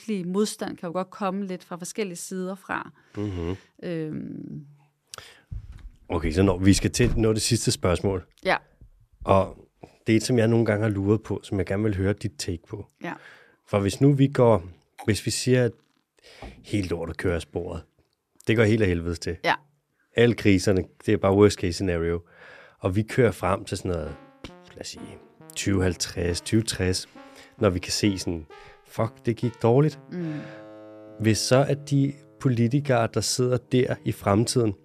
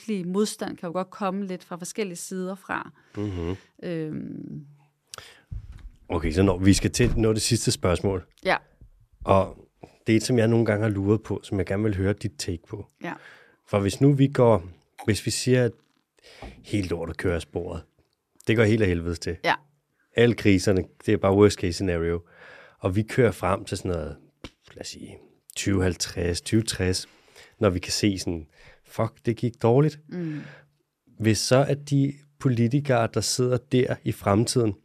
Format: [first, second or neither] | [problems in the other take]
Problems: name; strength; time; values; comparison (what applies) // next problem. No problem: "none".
second | background music; faint; from 24 s on; 25 dB below the speech